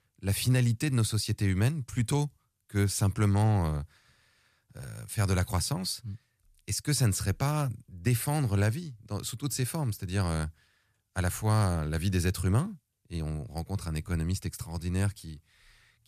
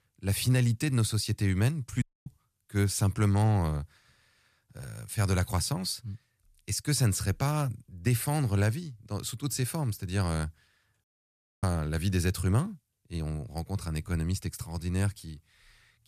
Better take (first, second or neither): first